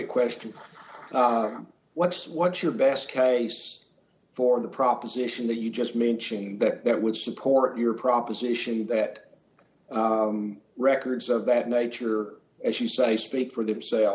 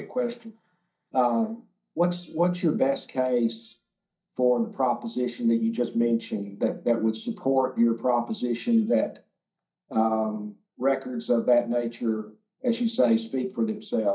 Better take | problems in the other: first | noise reduction (neural mask model DeepFilterNet 3)

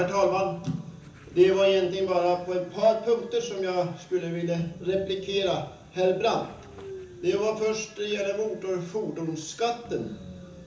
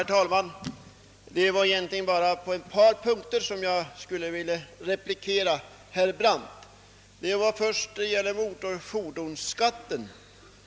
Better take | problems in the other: second | background sound (Train); 19 dB below the speech // room echo; dies away in 0.7 s

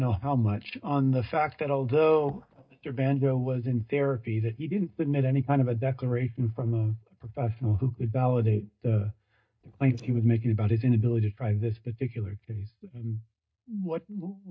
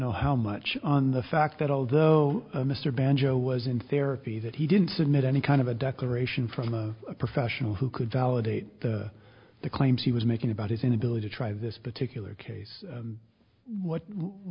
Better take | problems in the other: second | noise reduction (neural mask model DeepFilterNet 3)

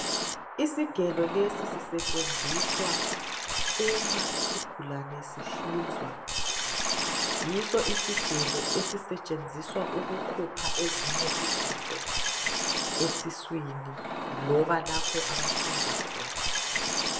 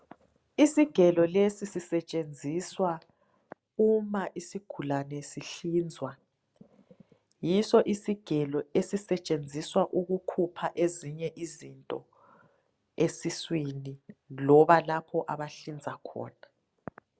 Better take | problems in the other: second | background sound (Liquid); 3 dB above the speech // room echo; dies away in 0.7 s

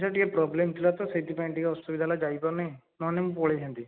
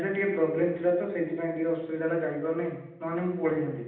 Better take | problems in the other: first | room echo; dies away in 0.8 s

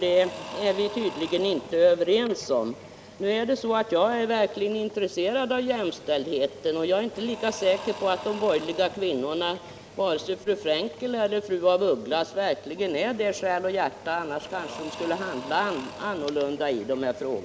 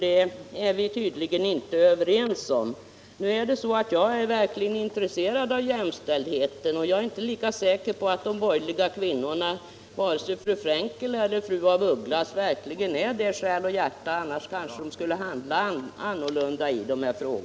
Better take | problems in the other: second | background sound (Engine / Drill / Mechanisms); 17 dB below the speech

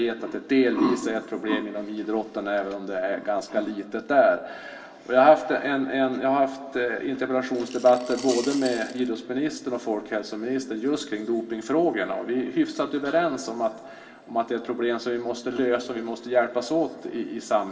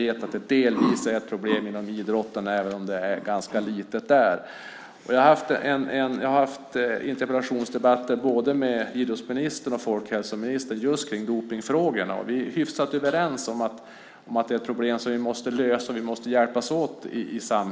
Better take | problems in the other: second | background sound (Coin (dropping) / Glass); 16 dB below the speech // room echo; dies away in 2.4 s

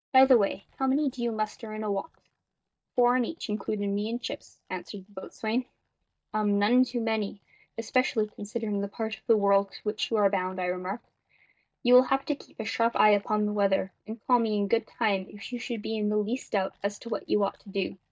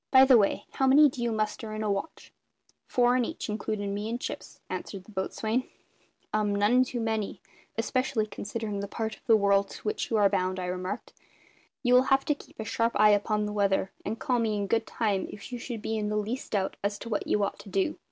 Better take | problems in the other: second | noise reduction (neural mask model DeepFilterNet 3)

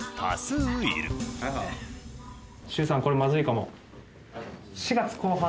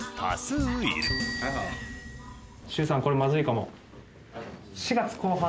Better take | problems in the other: first | background sound (Bicycle bell); 9 dB below the speech

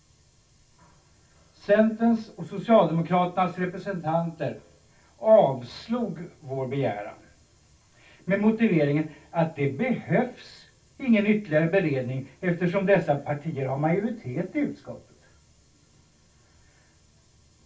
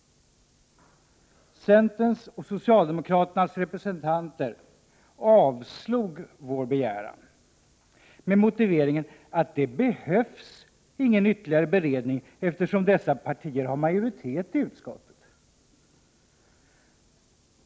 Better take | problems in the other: second | room echo; dies away in 0.2 s

